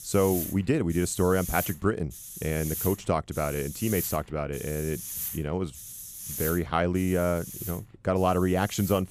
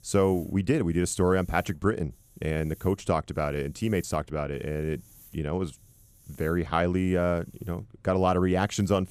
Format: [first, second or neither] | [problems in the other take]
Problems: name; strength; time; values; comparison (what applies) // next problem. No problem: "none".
second | hiss; loud; throughout; 8 dB below the speech; faint in the second